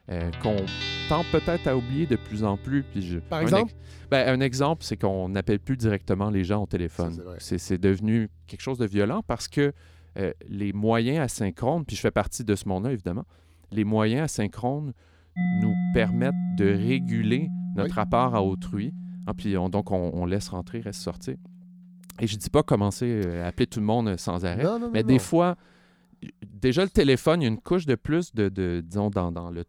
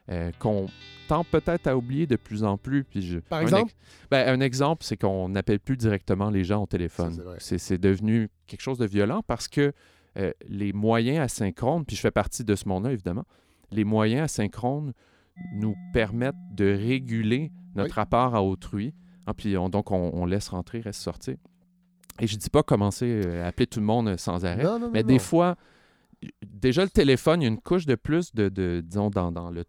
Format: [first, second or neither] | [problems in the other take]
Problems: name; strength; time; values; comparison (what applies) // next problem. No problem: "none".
second | background music; loud; throughout; 6 dB below the speech; faint in the second